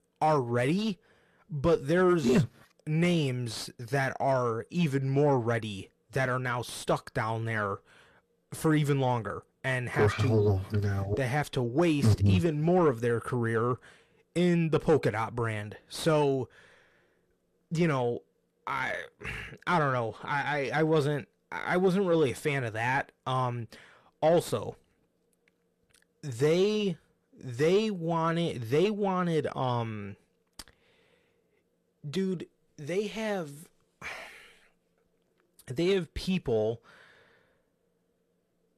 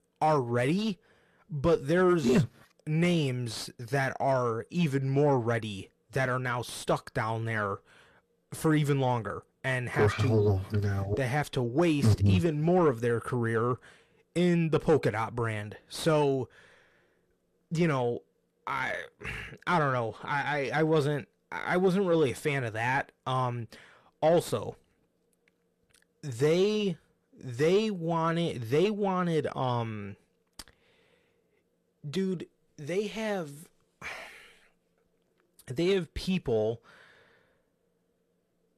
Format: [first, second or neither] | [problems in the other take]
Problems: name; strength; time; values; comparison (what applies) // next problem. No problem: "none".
neither | distortion; slight; 10 dB below the speech; the same in both